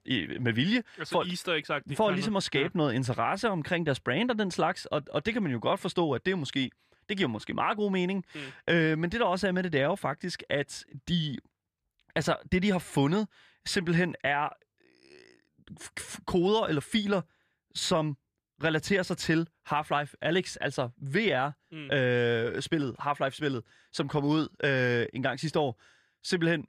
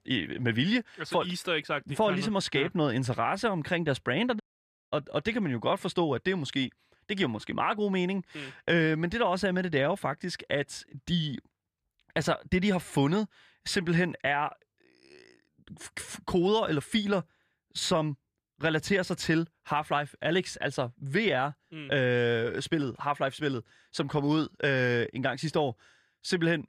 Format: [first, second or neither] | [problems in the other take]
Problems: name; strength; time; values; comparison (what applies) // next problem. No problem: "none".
first | audio cutting out; at 4.5 s for 0.5 s